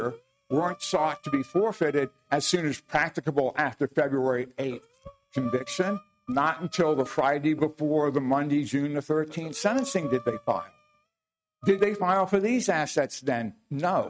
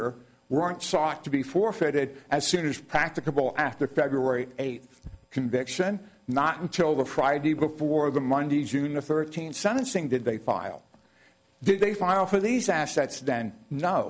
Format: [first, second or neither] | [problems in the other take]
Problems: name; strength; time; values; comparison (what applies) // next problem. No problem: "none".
second | noise reduction (neural mask model RNNoise)